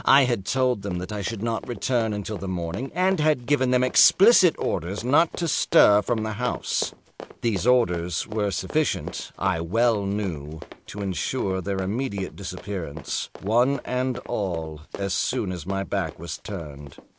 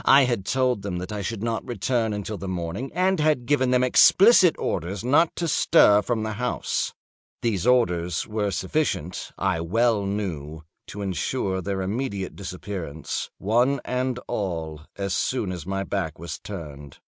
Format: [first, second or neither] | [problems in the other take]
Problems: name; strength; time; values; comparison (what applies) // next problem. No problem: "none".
second | background sound (Run); 17 dB below the speech